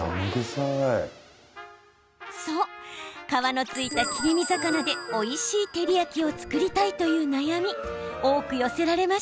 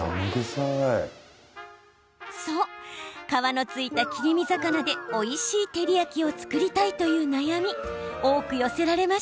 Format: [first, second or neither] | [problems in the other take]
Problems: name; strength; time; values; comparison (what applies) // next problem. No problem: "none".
second | background sound (Scratching (performance technique) + Squeak / Bell); 16 dB below the speech